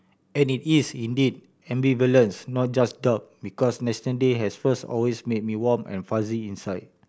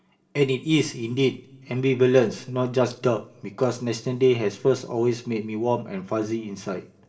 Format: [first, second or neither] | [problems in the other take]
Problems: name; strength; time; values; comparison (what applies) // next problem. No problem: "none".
first | room echo; dies away in 0.5 s